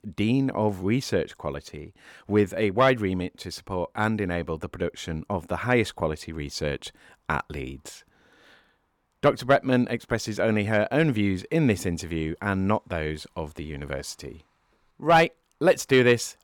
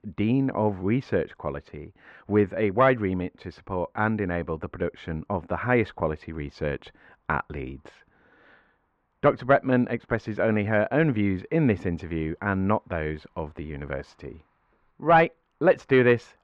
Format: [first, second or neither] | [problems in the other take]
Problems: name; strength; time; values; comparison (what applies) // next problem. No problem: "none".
first | muffled; very; fading above 2 kHz